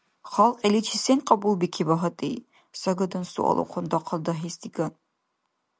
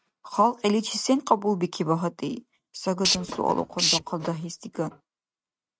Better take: first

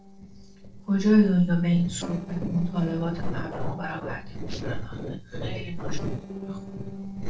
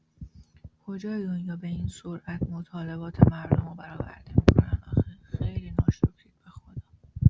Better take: second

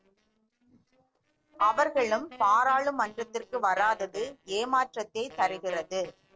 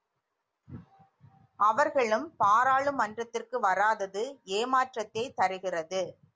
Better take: second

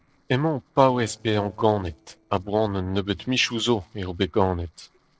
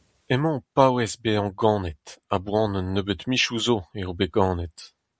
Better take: second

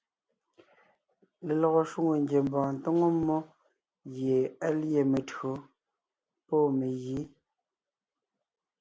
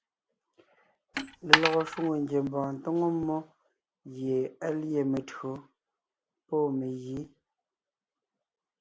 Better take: first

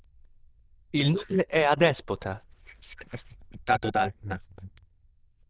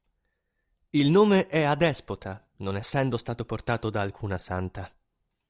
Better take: second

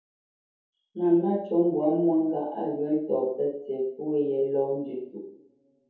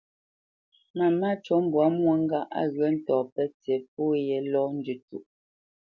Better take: second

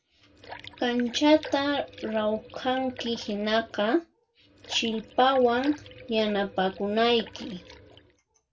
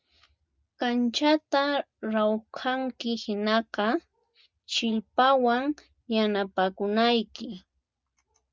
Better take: second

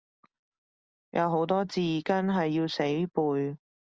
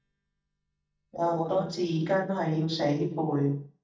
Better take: first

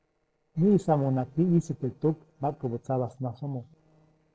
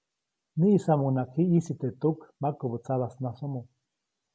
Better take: second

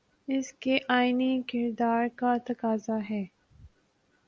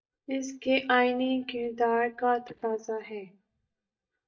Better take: first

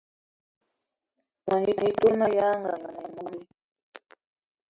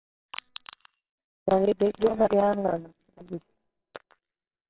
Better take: first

